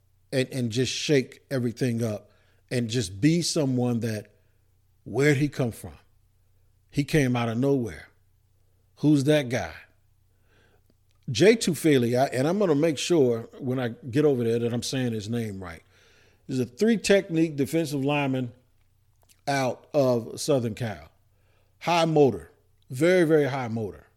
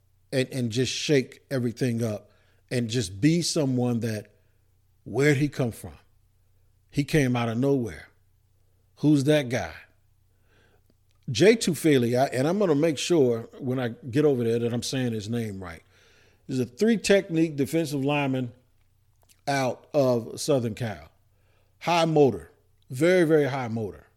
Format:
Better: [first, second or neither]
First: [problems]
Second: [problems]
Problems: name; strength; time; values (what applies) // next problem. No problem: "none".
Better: neither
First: none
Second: none